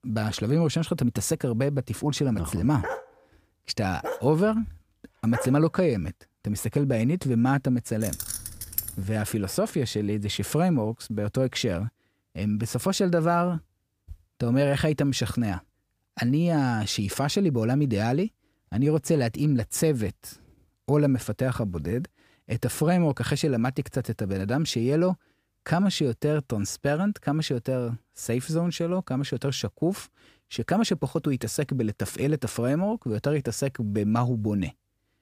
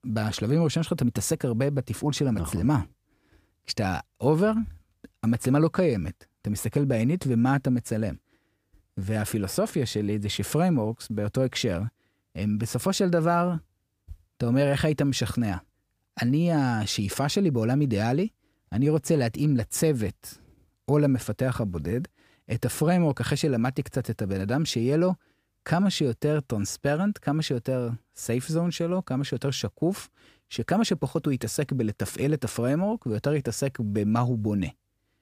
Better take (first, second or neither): second